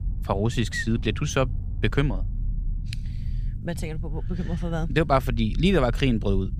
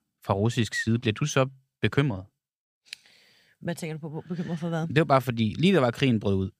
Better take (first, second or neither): second